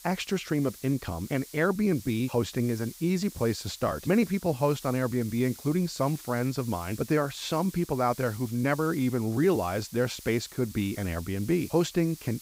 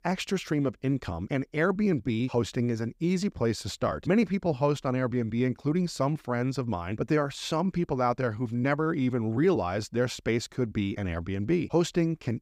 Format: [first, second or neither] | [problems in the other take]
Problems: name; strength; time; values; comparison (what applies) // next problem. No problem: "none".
second | hiss; noticeable; throughout; 15 dB below the speech